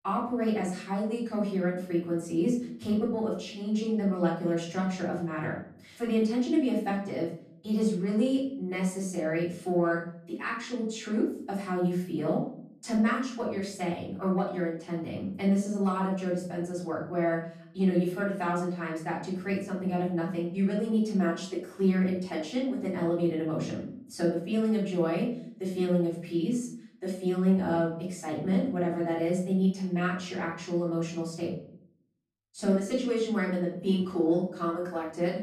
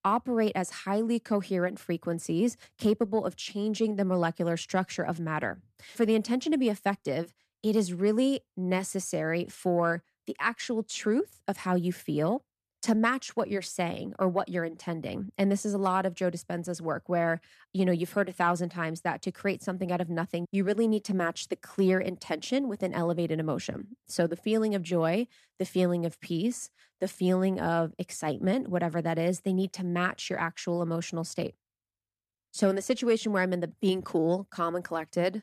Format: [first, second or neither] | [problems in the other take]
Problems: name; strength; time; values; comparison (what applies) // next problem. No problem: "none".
second | room echo; noticeable; dies away in 0.5 s // off-mic speech; far